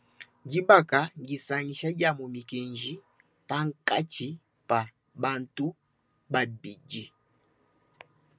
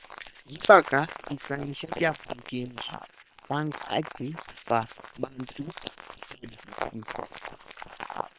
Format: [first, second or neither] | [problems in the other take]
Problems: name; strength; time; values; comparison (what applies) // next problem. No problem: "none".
first | noise reduction (neural separator model SepFormer WHAM!)